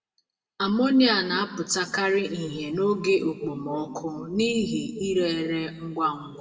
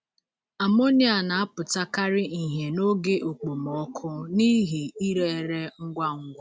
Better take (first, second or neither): second